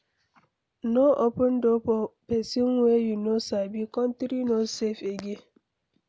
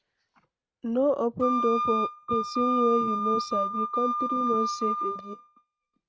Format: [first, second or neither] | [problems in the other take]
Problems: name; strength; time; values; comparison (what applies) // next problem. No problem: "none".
first | noise reduction (neural mask model RNNoise)